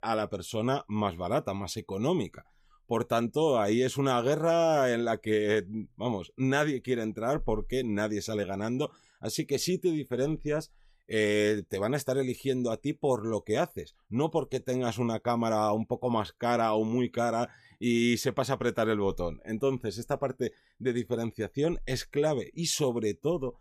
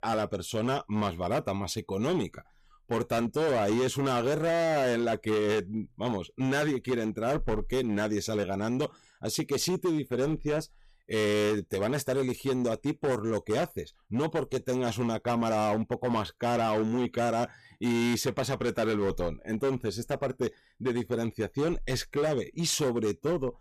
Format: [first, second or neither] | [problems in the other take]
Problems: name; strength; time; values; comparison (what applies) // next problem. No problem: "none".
first | distortion; slight; 14% of the sound clipped